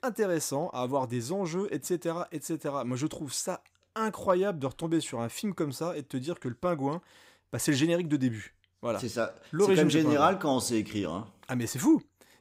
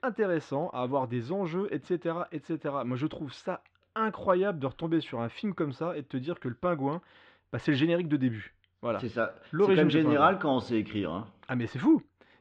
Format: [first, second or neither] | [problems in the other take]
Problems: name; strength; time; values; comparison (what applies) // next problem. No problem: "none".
first | muffled; very; fading above 3.5 kHz